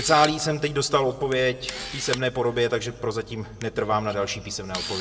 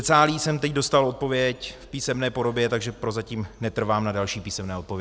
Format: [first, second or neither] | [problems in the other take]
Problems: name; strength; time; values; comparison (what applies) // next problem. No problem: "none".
second | background sound (Camera); 13 dB below the speech // room echo; dies away in 1 s